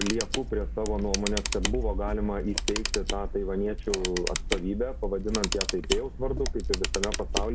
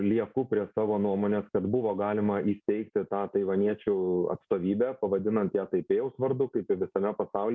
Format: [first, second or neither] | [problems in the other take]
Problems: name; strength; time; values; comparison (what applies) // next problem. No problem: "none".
second | background sound (Camera); as loud as the speech